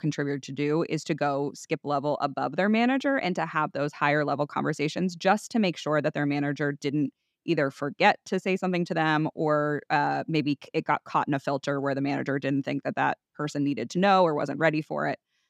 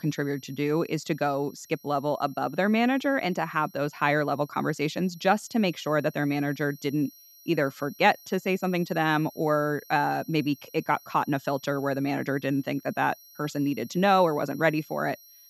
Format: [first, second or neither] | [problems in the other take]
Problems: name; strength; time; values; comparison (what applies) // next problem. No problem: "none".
first | high-pitched whine; faint; throughout; 11.5 kHz, 25 dB below the speech